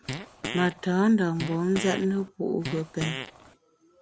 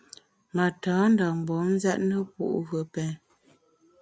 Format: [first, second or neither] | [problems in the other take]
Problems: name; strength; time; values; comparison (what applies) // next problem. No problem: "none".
second | background sound (Fart); 9 dB below the speech